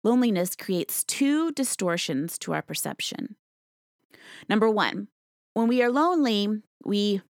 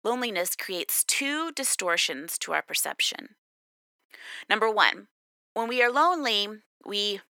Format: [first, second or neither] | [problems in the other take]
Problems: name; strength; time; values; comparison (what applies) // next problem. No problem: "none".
first | thin; very; fading below 650 Hz